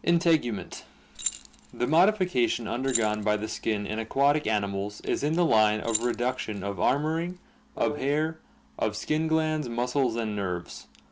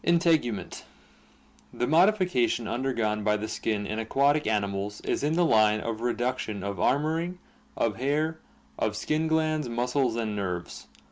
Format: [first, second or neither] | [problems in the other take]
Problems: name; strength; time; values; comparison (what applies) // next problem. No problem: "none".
second | background sound (Brass instrument + Keys jangling); 13 dB below the speech